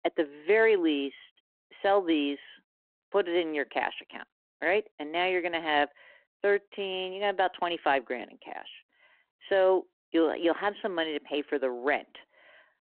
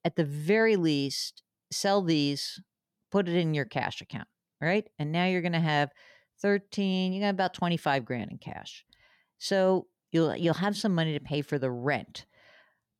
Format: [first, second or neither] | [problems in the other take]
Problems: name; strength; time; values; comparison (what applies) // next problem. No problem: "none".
second | phone-call audio